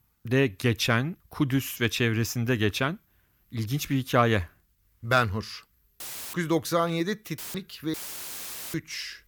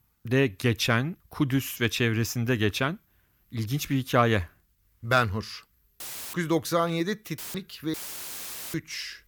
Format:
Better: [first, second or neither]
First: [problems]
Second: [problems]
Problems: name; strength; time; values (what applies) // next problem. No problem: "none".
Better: neither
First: audio cutting out; filled with static; at 6 s, at 7.5 s and at 8 s for 1 s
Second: audio cutting out; filled with static; at 6 s, at 7.5 s and at 8 s for 1 s